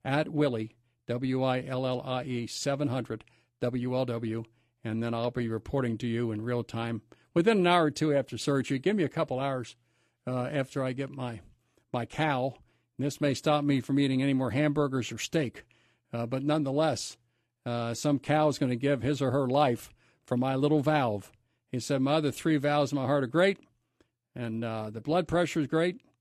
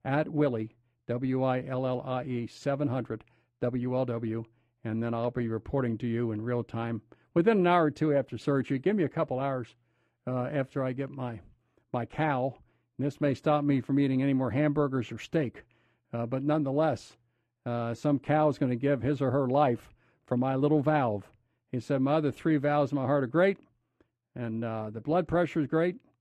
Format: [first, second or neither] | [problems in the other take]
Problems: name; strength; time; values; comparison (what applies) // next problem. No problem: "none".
first | muffled; slightly; fading above 3 kHz